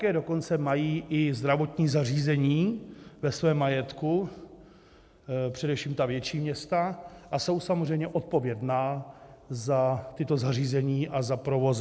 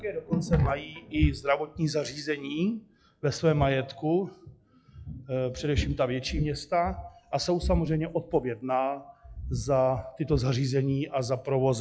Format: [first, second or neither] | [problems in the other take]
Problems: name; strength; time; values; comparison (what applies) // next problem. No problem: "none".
first | noise reduction (classical method log-MMSE)